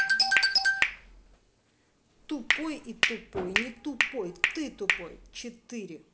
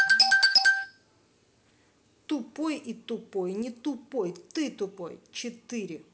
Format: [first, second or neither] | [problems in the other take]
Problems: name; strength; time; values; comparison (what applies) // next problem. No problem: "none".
second | background sound (Hands); 1 dB below the speech